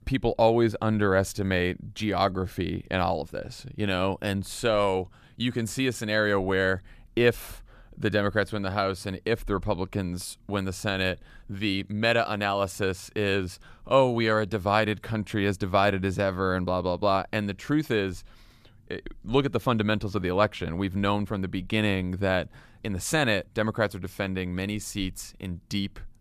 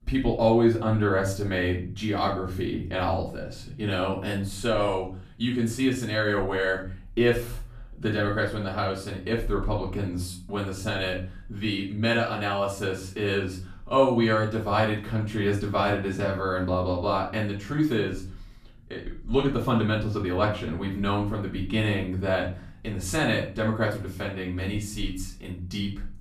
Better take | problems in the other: first | off-mic speech; far // room echo; slight; dies away in 0.4 s

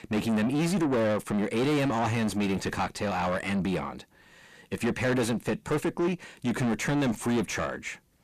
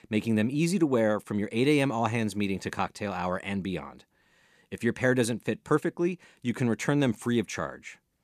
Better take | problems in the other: second | distortion; heavy; 5 dB below the speech

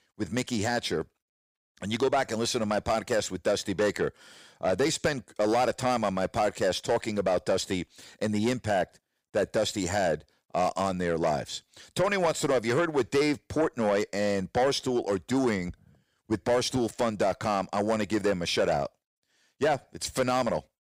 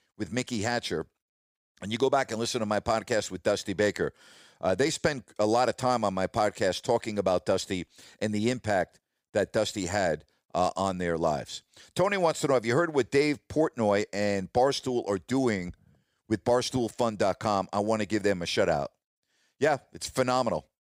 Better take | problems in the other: second | distortion; slight; 10 dB below the speech

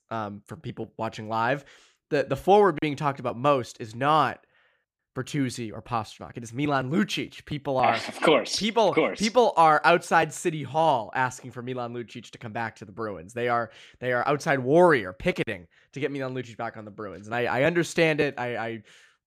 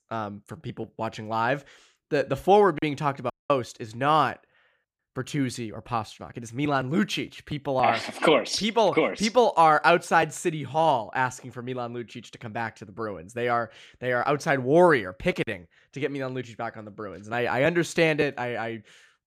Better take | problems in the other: first | audio cutting out; at 3.5 s

